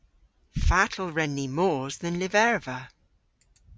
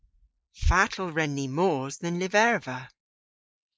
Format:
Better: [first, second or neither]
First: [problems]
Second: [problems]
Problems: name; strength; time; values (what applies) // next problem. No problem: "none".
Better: first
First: none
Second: noise reduction (neural mask model Resemble Enhance denoiser)